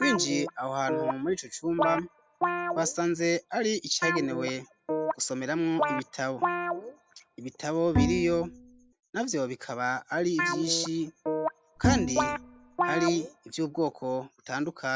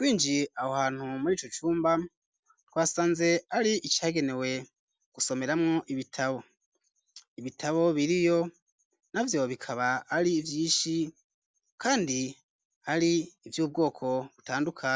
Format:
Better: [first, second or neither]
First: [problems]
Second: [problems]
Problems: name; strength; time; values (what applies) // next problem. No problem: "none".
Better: second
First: background sound (Bowed string instrument + Guitar); 1 dB below the speech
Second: none